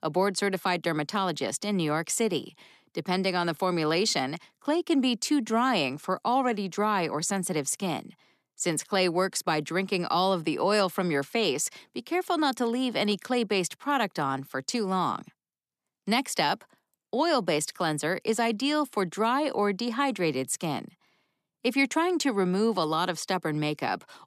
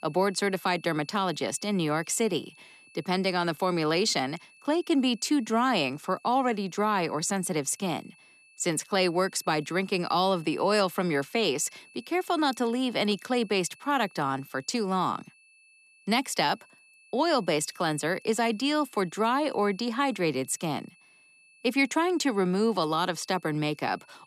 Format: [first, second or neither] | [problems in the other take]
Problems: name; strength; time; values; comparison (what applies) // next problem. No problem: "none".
first | high-pitched whine; faint; throughout; 2.5 kHz, 25 dB below the speech